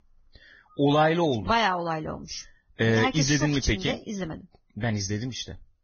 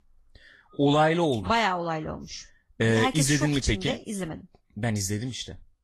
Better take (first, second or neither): second